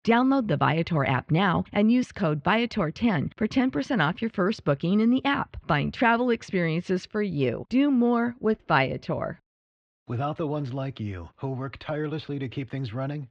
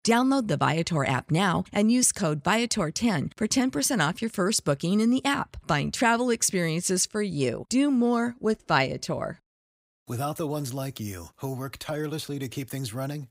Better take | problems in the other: second | muffled; very; fading above 3.5 kHz

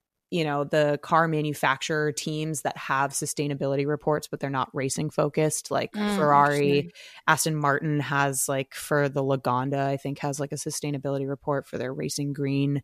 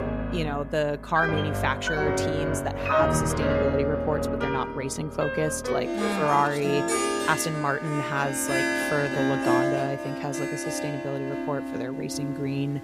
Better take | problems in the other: first | background music; very loud; throughout; 1 dB above the speech

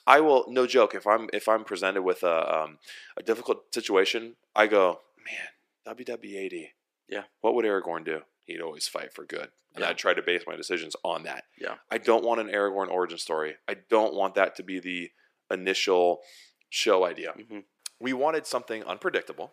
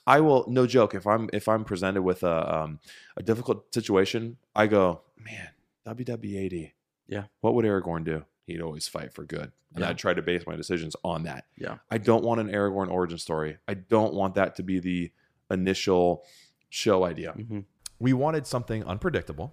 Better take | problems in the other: second | thin; somewhat; fading below 350 Hz

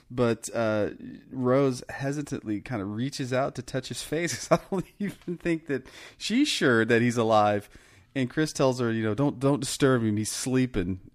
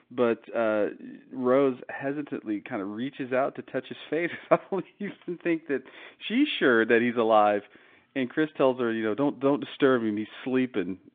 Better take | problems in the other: first | phone-call audio; nothing above 3.5 kHz

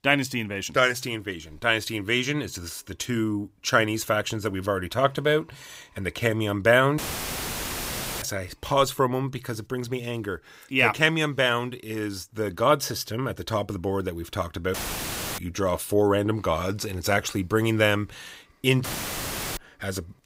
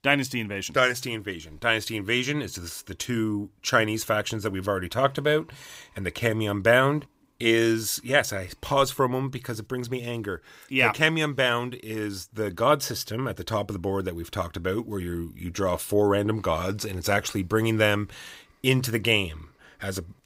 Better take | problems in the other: second | audio cutting out; filled with static; at 7 s for 1 s, at 15 s for 0.5 s and at 19 s for 0.5 s

